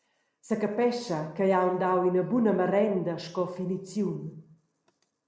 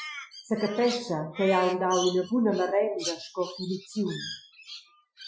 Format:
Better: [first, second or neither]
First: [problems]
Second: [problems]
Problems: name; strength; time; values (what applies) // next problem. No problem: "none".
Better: first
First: none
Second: noise reduction (classical method Wiener filter)